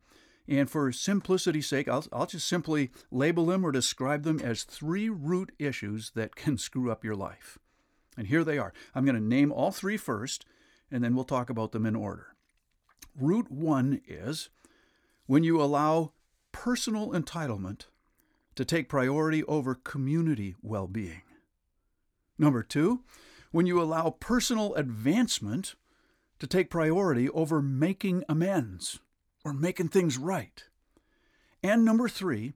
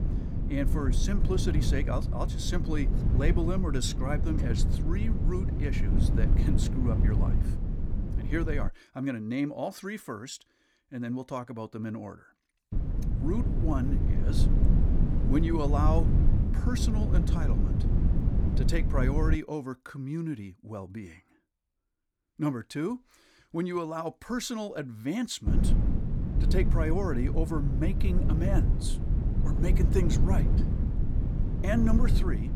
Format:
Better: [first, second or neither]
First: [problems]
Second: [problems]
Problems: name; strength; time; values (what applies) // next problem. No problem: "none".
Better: first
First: none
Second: low rumble; loud; until 8.5 s, from 13 to 19 s and from 25 s on; 5 dB below the speech